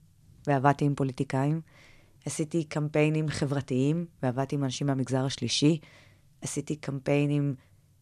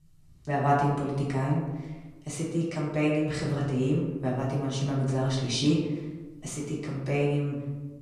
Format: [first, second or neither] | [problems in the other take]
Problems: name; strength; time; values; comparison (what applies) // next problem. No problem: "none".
first | room echo; noticeable; dies away in 1 s // off-mic speech; far